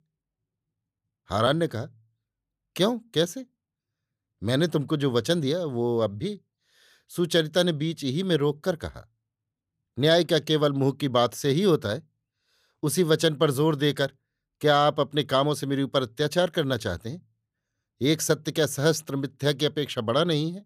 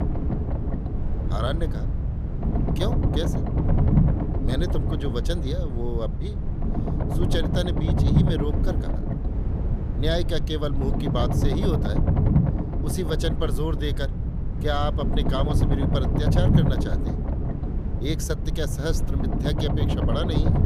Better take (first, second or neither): first